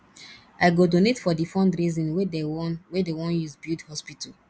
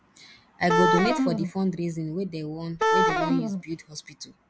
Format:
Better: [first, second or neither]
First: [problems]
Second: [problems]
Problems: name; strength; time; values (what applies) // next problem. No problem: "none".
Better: first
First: none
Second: background sound (Wind instrument, woodwind instrument); 4 dB above the speech